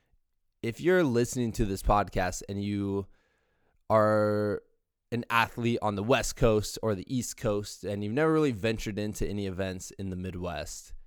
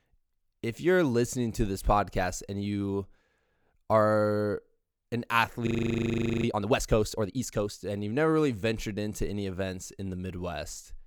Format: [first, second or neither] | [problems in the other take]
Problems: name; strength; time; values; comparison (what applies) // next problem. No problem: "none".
first | audio freezing; at 5.5 s for 1 s